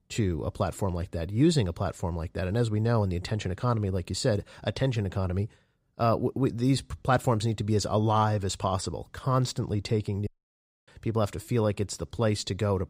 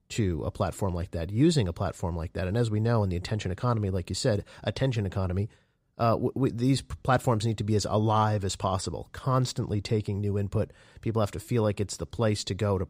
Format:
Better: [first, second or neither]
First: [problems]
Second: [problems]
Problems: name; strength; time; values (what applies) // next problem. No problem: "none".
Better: second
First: audio cutting out; at 10 s for 0.5 s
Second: none